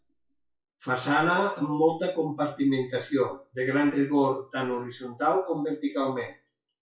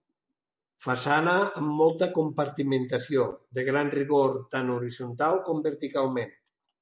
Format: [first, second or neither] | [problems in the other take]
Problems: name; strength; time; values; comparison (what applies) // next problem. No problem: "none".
second | noise reduction (classical method WPE with log-MMSE)